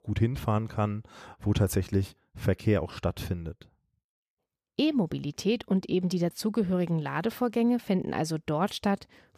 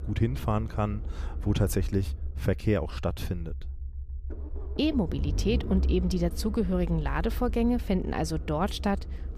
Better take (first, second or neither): first